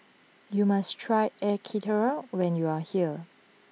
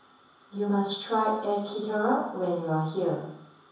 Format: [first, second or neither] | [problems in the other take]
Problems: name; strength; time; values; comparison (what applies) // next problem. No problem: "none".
first | room echo; dies away in 0.7 s